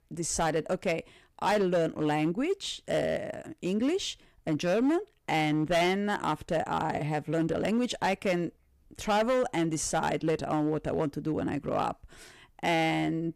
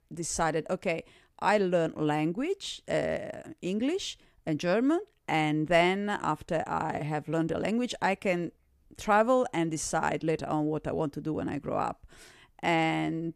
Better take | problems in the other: second | distortion; slight; 7% of the sound clipped

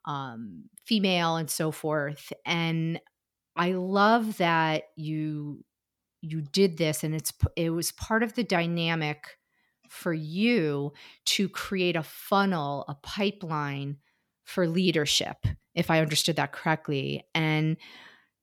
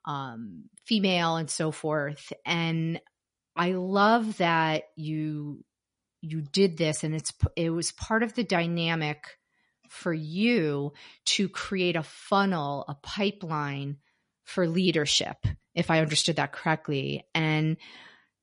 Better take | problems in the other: first | garbled, watery; slightly; nothing above 10.5 kHz

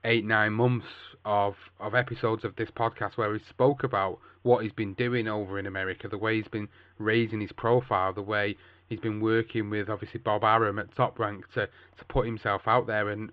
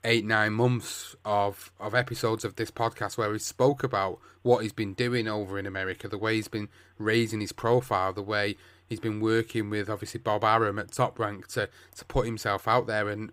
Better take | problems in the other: second | muffled; very; fading above 3.5 kHz

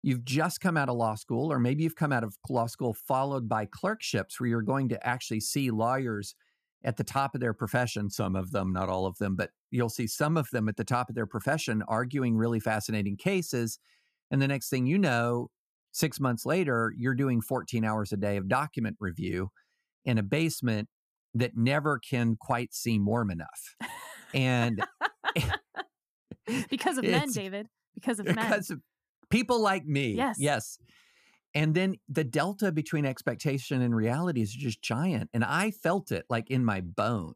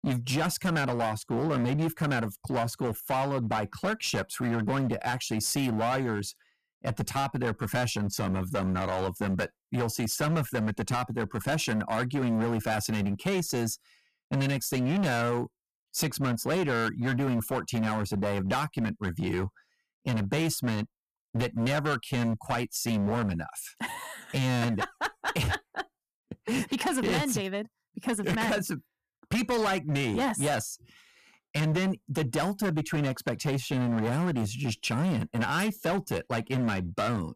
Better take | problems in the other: first | distortion; heavy; 17% of the sound clipped

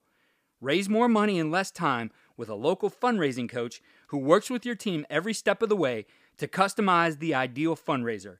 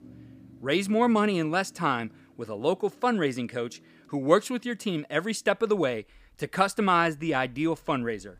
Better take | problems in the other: first | traffic noise; faint; throughout; 30 dB below the speech

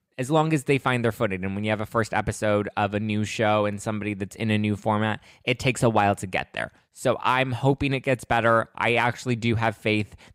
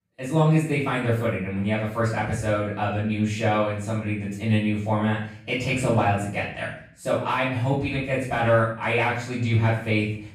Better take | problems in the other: first | off-mic speech; far // room echo; noticeable; dies away in 0.5 s

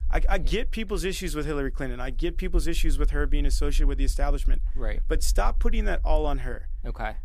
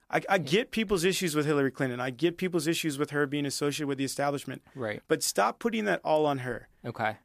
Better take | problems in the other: second | low rumble; faint; throughout; 25 dB below the speech

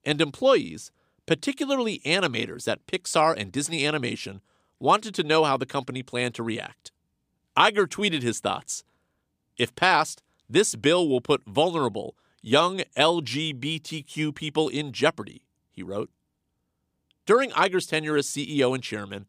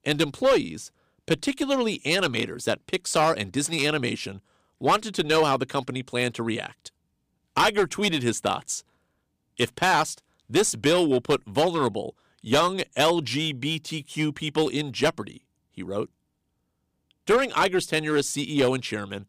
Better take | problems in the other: first | distortion; slight; 4% of the sound clipped

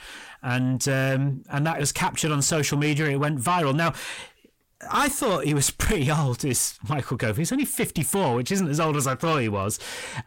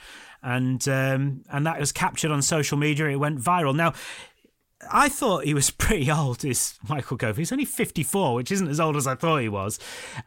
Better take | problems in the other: second | distortion; slight; 10 dB below the speech

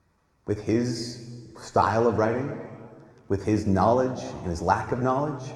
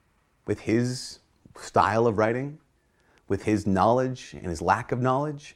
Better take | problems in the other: second | room echo; slight; dies away in 1.7 s

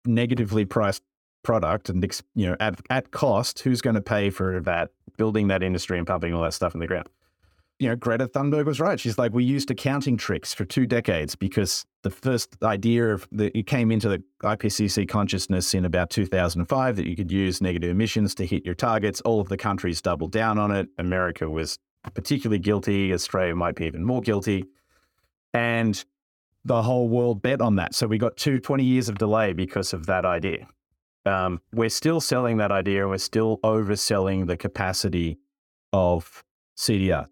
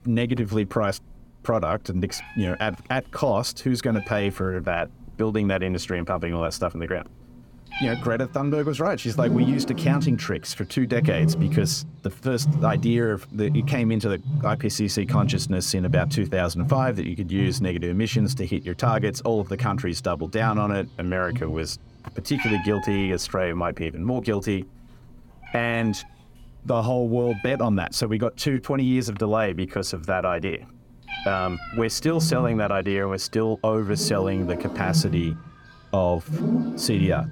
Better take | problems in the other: first | animal sounds; loud; throughout; 3 dB below the speech

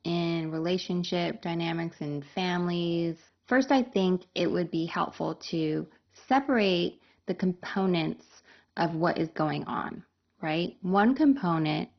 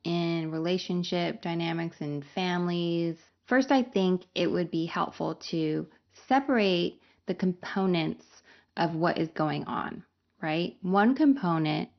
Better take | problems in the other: second | garbled, watery; badly; nothing above 6 kHz; slightly in the second

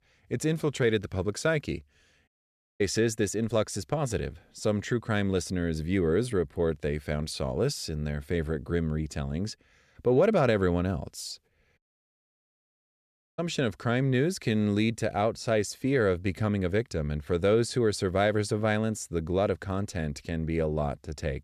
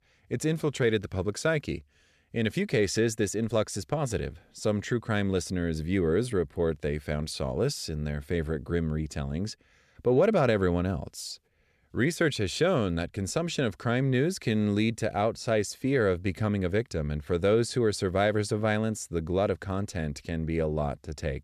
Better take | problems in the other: second | audio cutting out; at 2.5 s for 0.5 s and at 12 s for 1.5 s

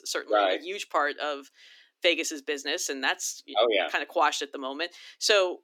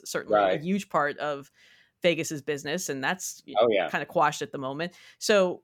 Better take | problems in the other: second | thin; somewhat; fading below 250 Hz

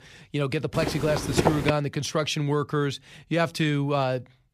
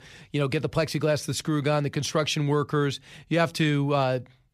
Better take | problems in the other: second | footsteps; loud; at 0.5 s; peak 2 dB above the speech

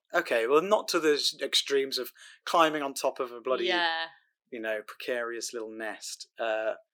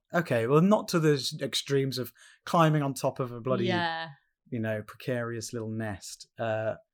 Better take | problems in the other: second | thin; very; fading below 350 Hz

